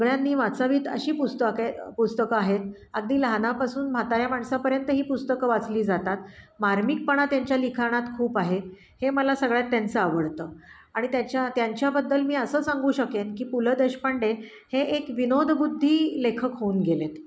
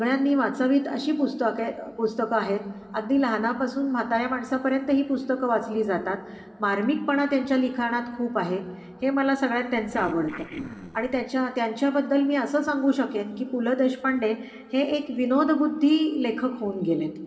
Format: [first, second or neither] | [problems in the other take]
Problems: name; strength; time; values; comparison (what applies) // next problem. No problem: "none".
first | noise reduction (neural separator model SepFormer DNS4)